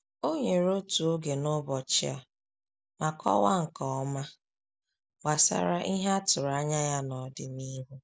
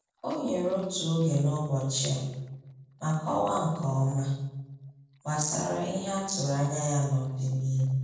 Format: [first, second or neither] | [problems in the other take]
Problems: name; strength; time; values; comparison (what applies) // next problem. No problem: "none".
first | noise reduction (neural separator model SepFormer DNS4)